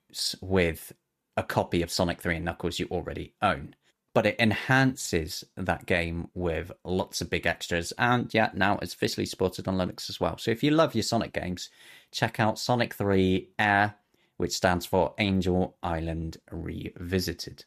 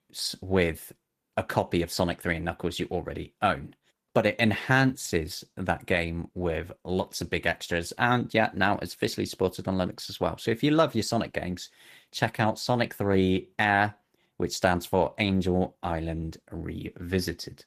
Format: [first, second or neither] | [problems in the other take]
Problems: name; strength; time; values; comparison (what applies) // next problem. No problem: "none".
first | garbled, watery; slightly; nothing above 14.5 kHz